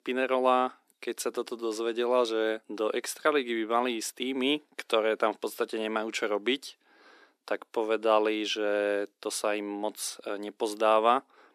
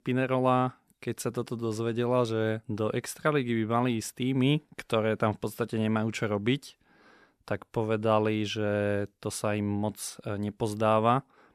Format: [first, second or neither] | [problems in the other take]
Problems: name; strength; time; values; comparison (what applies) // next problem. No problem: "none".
second | thin; somewhat; fading below 300 Hz